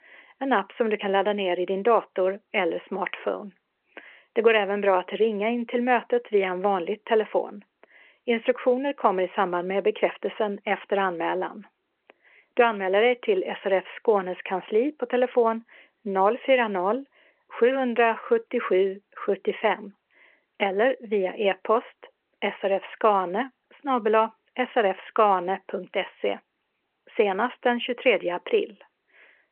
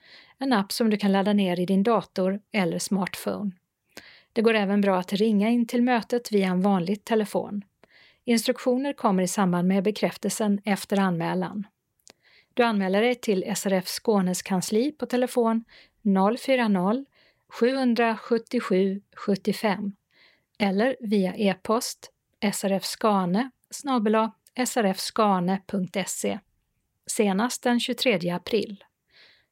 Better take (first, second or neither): second